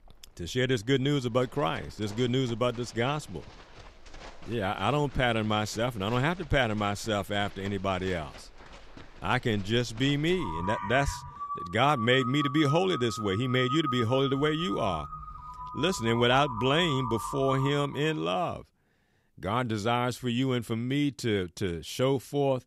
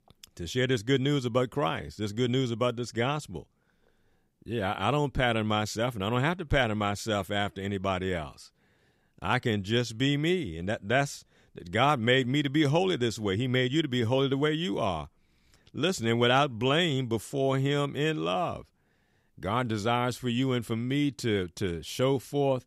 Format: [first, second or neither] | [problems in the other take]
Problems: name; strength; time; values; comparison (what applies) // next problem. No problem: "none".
second | animal sounds; noticeable; until 18 s; 10 dB below the speech